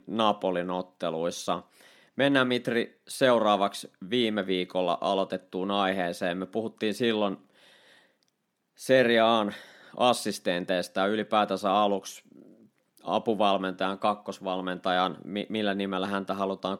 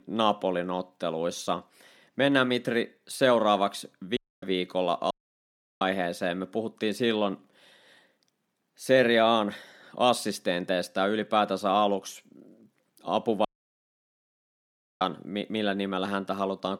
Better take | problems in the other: first | audio cutting out; at 4 s, at 5 s for 0.5 s and at 13 s for 1.5 s

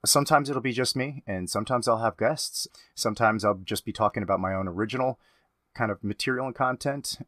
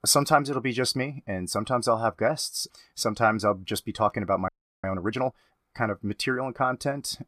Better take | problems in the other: first | audio freezing; at 4.5 s

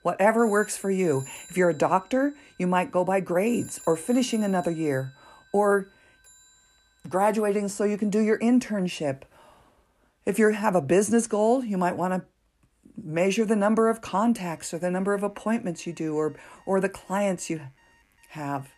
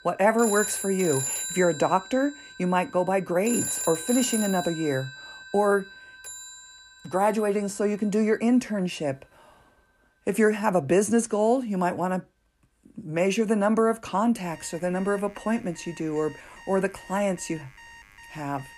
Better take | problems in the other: first | alarms or sirens; loud; throughout; 7 dB below the speech; faint in the first

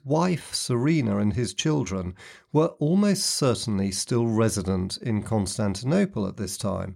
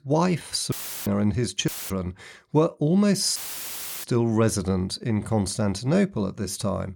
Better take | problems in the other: first | audio cutting out; filled with static; at 0.5 s, at 1.5 s and at 3.5 s for 0.5 s

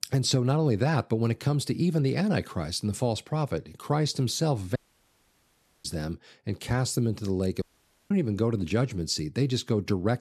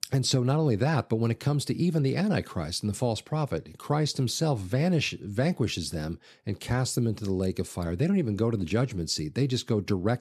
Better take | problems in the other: second | audio cutting out; at 5 s for 1 s and at 7.5 s

